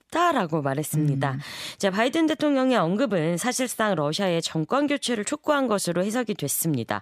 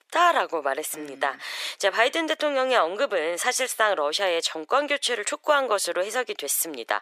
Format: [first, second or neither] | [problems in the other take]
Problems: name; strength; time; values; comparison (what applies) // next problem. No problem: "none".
first | thin; very; fading below 400 Hz